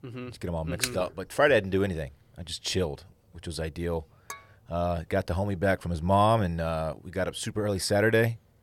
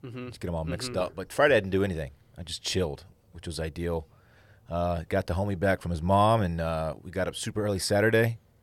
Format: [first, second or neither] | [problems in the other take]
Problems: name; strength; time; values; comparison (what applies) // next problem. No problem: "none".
second | keyboard typing; very faint; at 1 s; peak 5 dB below the speech // clattering dishes; faint; at 4.5 s; peak 15 dB below the speech